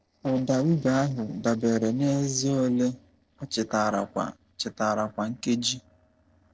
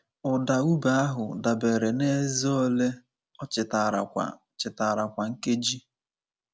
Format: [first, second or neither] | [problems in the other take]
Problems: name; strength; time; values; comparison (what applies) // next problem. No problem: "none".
second | noise reduction (neural separator model SepFormer DNS4)